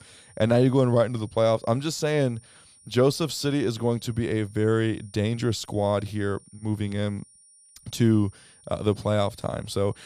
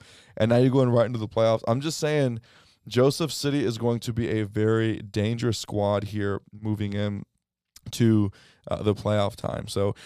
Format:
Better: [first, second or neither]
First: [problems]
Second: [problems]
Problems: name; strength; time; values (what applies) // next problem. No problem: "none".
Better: second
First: high-pitched whine; faint; throughout; 9.5 kHz, 25 dB below the speech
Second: none